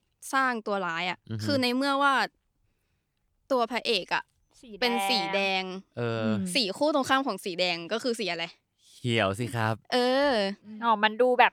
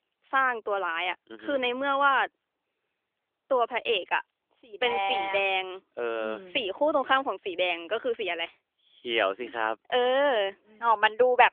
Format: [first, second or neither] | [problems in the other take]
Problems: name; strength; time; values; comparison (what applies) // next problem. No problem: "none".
first | phone-call audio; nothing above 3.5 kHz